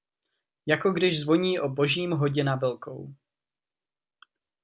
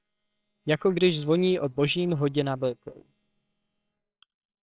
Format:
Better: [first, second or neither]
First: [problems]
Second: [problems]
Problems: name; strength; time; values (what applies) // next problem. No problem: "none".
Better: first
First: none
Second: noise reduction (neural separator model SepFormer WHAMR!)